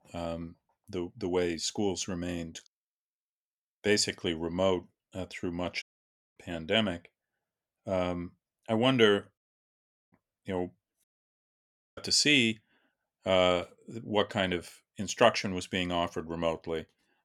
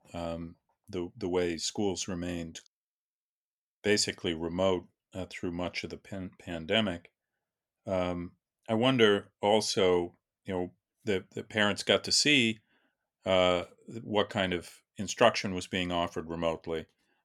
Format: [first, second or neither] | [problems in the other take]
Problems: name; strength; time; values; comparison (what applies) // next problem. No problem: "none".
second | audio cutting out; at 6 s for 0.5 s, at 9.5 s for 0.5 s and at 11 s for 1 s